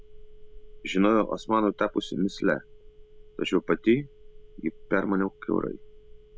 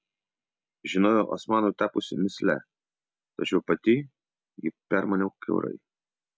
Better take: second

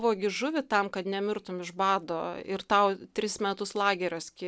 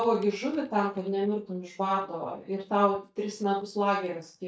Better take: first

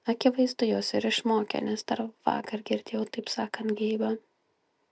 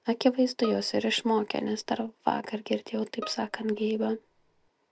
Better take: first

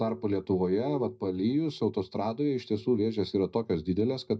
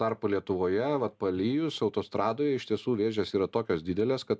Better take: second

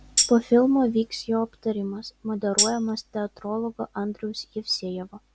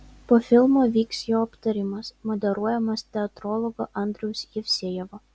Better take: second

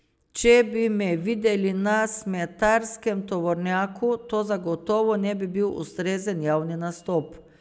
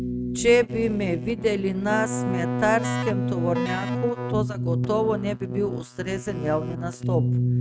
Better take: first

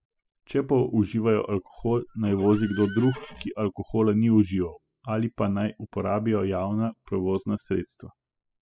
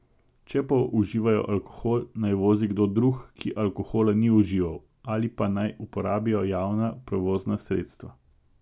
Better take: second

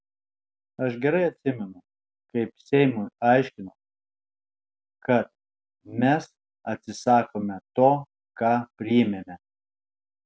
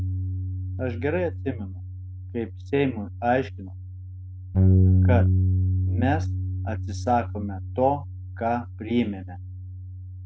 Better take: first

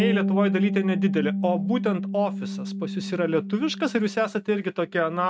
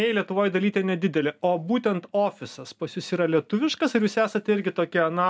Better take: second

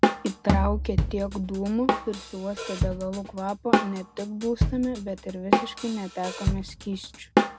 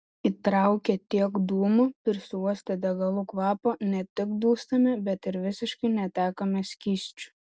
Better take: second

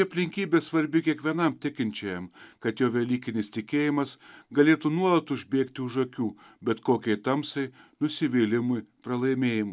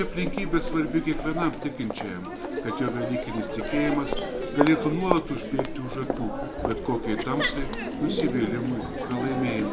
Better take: first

